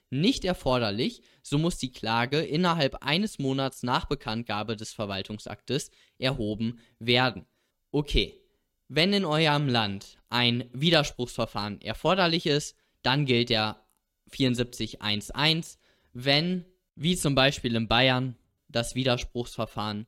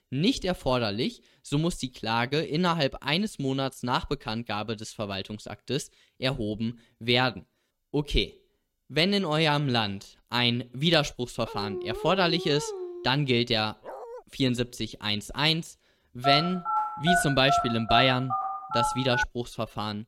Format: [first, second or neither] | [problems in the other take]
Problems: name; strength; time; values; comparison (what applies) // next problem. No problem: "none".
first | dog barking; noticeable; from 11 to 13 s; peak 8 dB below the speech // dog barking; faint; at 14 s; peak 15 dB below the speech // phone ringing; loud; from 16 to 19 s; peak 1 dB above the speech